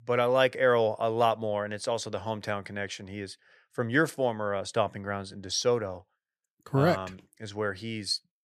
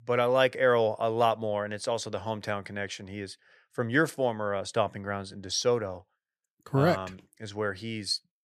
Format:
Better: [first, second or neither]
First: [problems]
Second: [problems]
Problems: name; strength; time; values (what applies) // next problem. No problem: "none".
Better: neither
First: none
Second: none